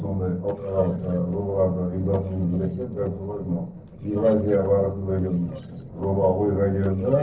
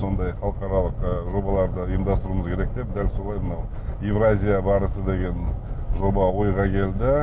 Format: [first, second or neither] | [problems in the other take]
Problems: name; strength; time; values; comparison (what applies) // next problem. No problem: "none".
second | noise reduction (neural separator model SepFormer DNS4)